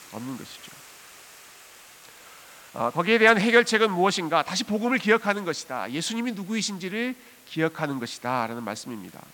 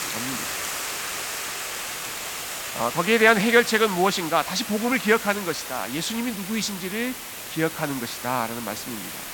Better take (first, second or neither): first